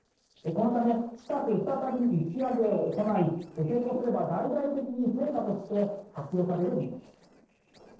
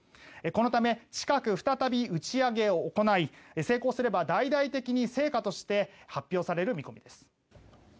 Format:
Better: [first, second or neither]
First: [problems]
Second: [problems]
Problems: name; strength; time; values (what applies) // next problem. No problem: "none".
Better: second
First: noise reduction (neural separator model SepFormer DNS4)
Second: none